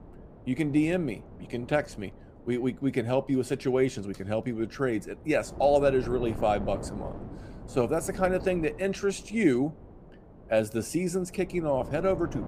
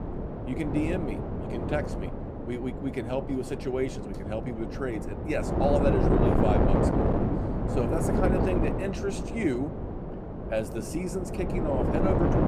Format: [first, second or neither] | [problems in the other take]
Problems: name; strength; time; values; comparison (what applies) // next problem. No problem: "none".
first | wind noise on the microphone; heavy; as loud as the speech; occasional gusts in the first